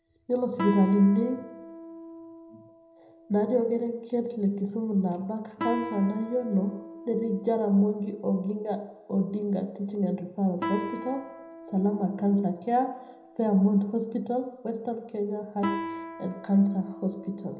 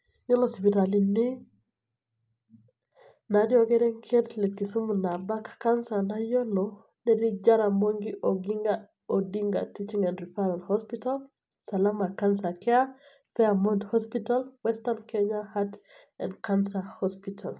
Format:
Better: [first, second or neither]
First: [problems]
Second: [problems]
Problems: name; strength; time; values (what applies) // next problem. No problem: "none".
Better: second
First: background sound (Guitar); 13 dB below the speech // room echo; dies away in 0.8 s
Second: none